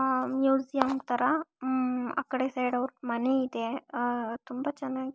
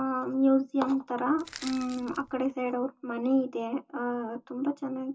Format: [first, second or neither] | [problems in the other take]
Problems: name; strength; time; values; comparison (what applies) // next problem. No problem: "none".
first | background sound (Crushing); 17 dB below the speech // room echo; dies away in 0.2 s